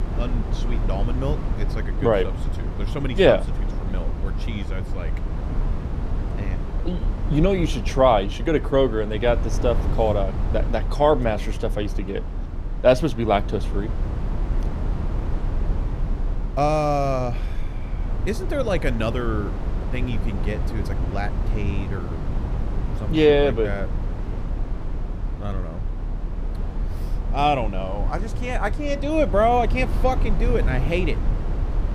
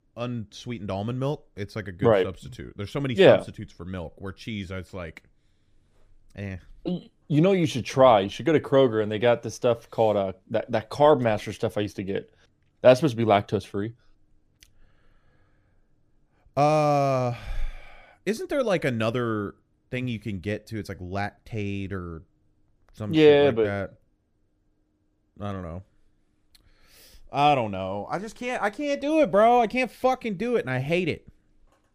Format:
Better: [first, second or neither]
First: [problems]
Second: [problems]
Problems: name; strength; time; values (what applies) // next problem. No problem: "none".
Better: second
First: low rumble; noticeable; throughout; 15 dB below the speech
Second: none